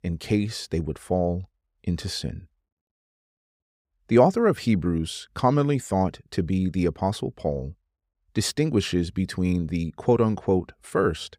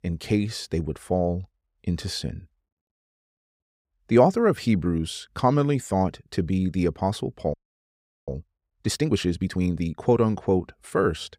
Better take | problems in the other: first | audio freezing; at 7.5 s for 0.5 s

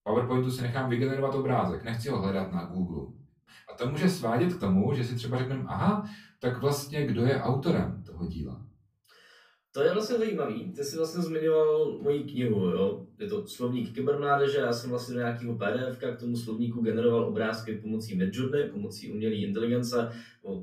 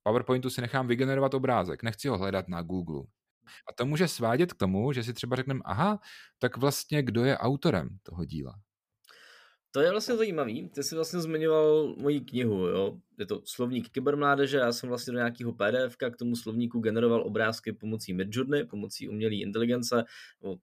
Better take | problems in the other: second | off-mic speech; far // room echo; slight; dies away in 0.3 s

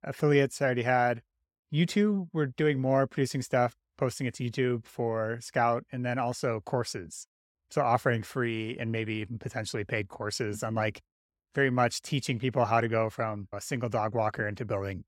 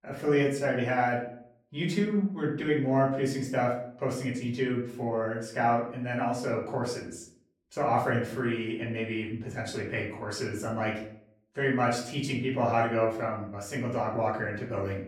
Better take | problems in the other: first | off-mic speech; far // room echo; slight; dies away in 0.5 s

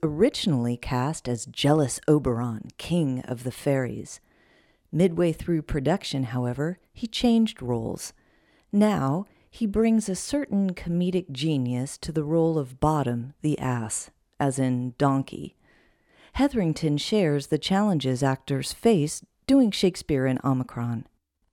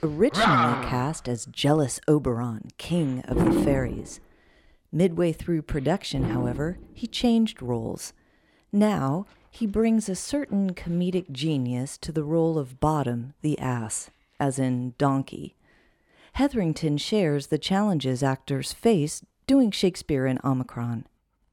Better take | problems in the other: first | animal sounds; loud; throughout; as loud as the speech

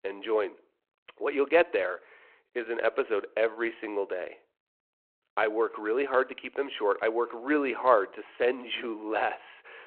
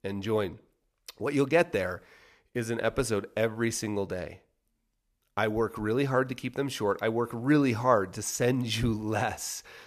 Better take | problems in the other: second | phone-call audio

